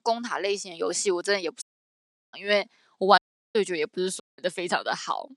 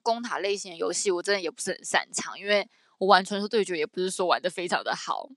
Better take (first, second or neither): second